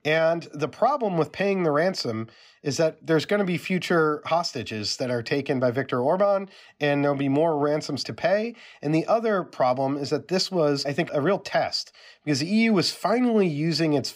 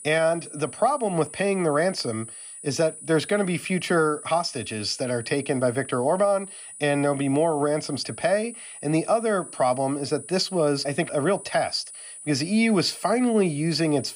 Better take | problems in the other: first | high-pitched whine; noticeable; throughout; 9.5 kHz, 15 dB below the speech

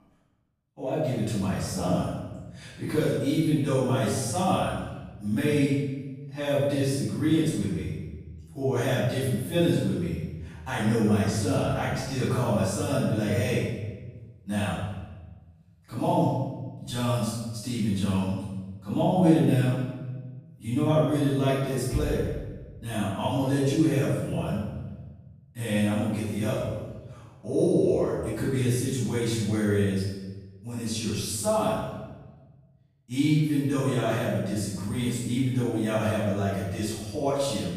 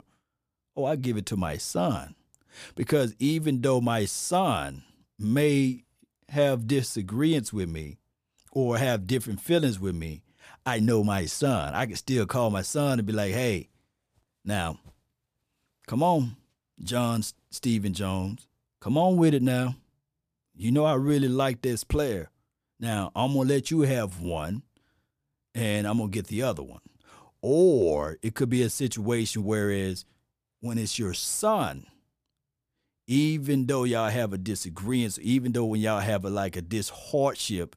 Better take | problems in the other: second | off-mic speech; far // room echo; strong; dies away in 1.1 s

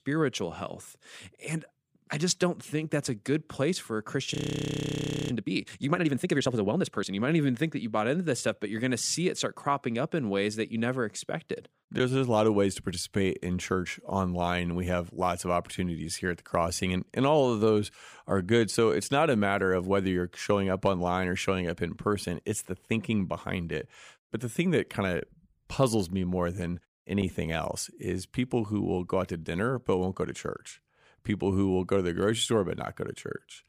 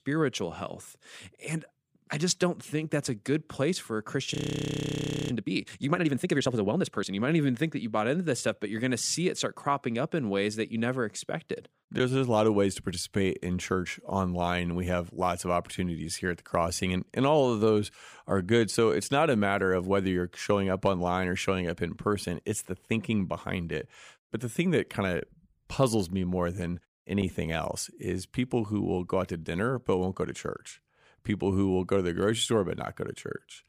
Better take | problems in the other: neither | audio freezing; at 4.5 s for 1 s; the same in both

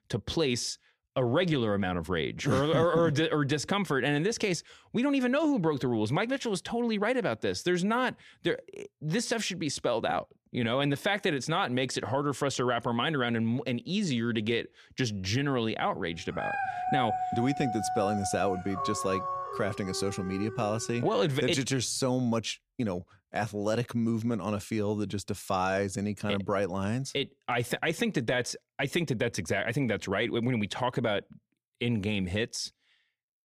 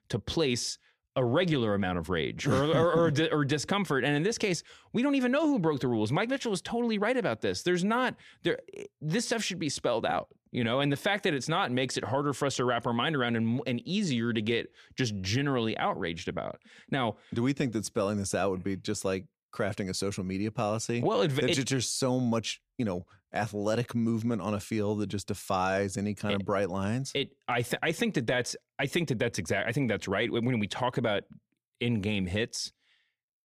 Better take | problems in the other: second | dog barking; noticeable; from 16 to 21 s; peak level with the speech

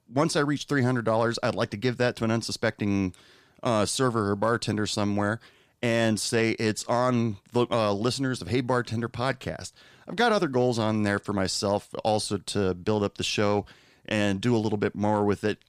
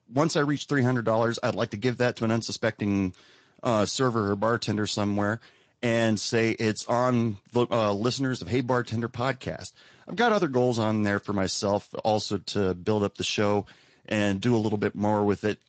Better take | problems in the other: first | garbled, watery; slightly; nothing above 8 kHz

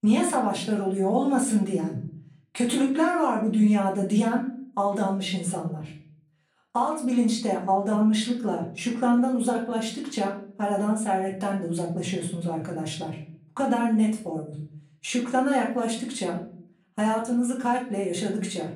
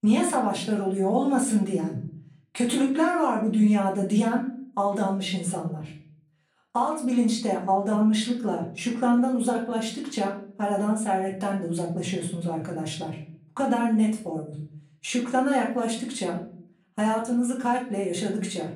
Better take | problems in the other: neither | off-mic speech; far; the same in both // room echo; slight; dies away in 0.5 s; the same in both

